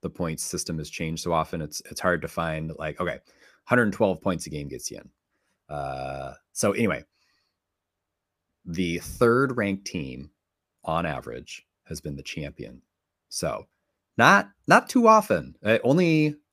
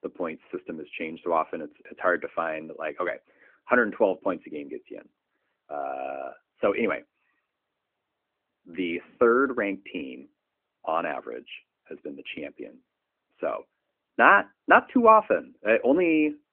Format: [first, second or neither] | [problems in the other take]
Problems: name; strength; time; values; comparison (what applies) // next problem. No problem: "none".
first | phone-call audio